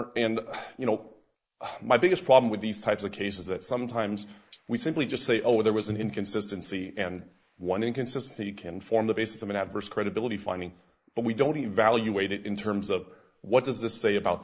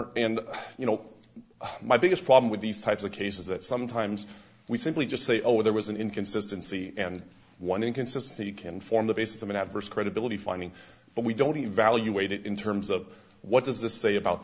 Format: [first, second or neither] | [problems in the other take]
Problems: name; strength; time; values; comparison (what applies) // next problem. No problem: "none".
second | noise reduction (neural mask model Resemble Enhance denoiser)